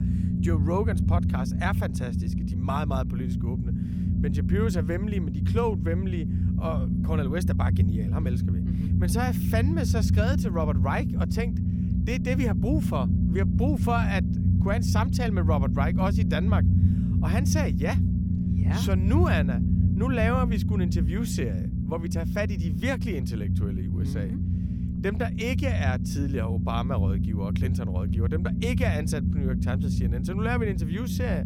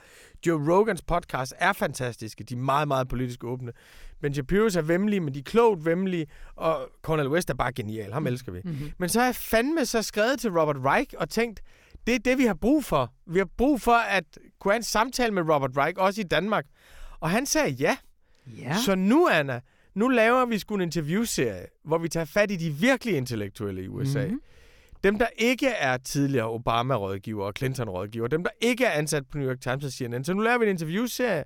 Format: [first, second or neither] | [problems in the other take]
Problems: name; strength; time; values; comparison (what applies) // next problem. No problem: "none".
second | low rumble; loud; throughout; 4 dB below the speech